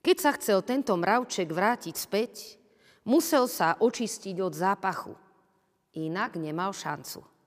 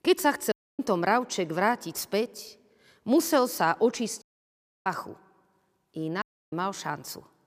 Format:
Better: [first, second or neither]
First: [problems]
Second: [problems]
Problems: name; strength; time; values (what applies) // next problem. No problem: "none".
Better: first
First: none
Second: audio cutting out; at 0.5 s, at 4 s for 0.5 s and at 6 s